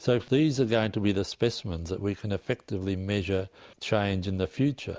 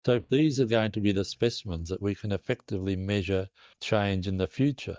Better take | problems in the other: first | noise reduction (neural mask model DeepFilterNet 3)

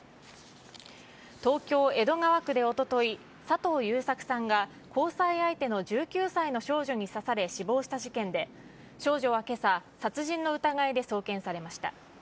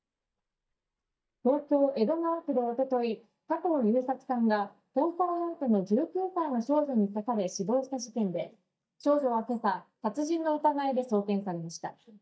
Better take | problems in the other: first | noise reduction (neural mask model DeepFilterNet 3)

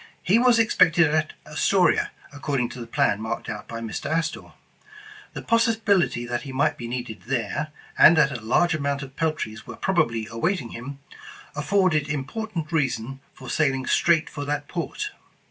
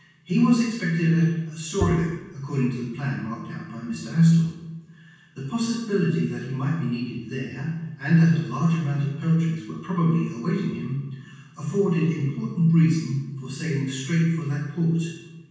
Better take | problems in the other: first | background sound (Bowed string instrument); 6 dB below the speech // room echo; dies away in 1.2 s

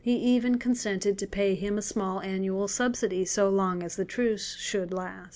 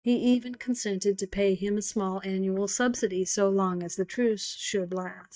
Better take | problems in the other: first | noise reduction (neural mask model DeepFilterNet 3)

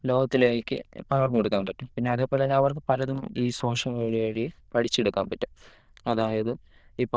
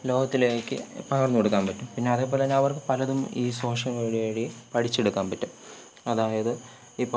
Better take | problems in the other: second | noise reduction (neural diffusion model UNIVERSE++)

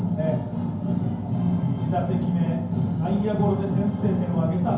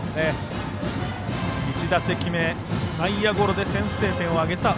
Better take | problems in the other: second | room echo; dies away in 0.9 s

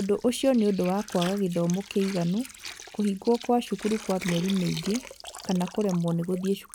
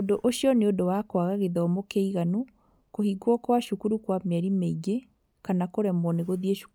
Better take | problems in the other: second | background sound (Water); 15 dB below the speech

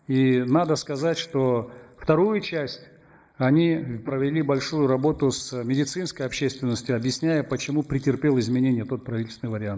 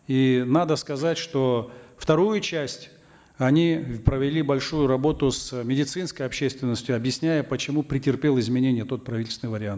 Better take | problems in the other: second | noise reduction (neural mask model Resemble Enhance denoiser)

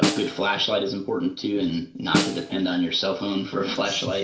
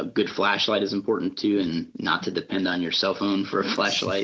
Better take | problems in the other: second | background sound (Snare drum); 5 dB below the speech // room echo; dies away in 0.3 s

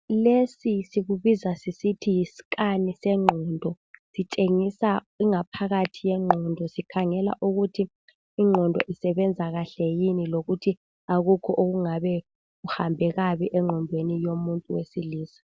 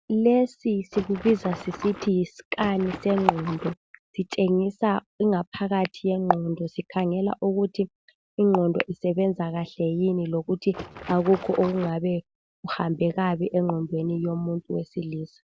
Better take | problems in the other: first | background sound (Water / Splash, splatter); 12 dB below the speech

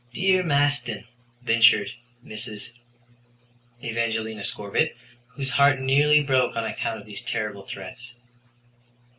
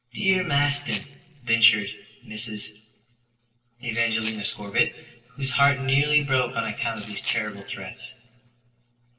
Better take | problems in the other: first | noise reduction (neural separator model SepFormer DNS4)

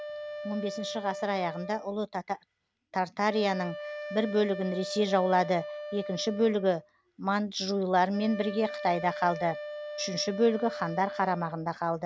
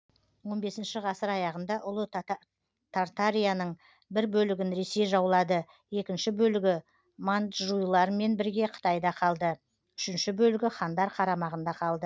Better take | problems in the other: second | background sound (Wind instrument, woodwind instrument); 10 dB below the speech

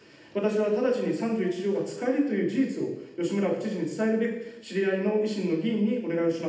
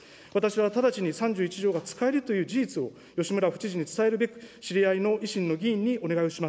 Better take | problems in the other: second | room echo; dies away in 0.8 s

